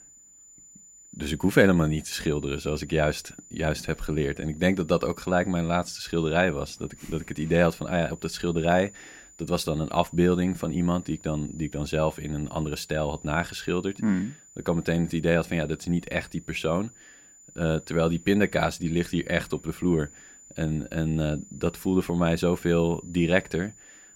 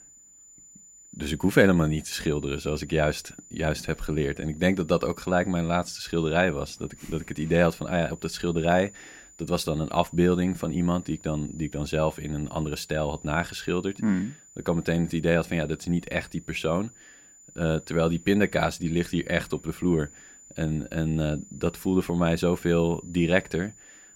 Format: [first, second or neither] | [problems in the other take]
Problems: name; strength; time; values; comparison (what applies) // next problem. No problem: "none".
neither | high-pitched whine; faint; throughout; 7 kHz, 20 dB below the speech; the same in both